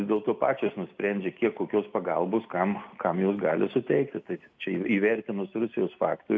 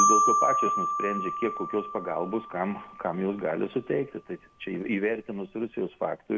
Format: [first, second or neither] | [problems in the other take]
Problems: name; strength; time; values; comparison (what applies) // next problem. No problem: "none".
first | background sound (Marimba, xylophone); 1 dB above the speech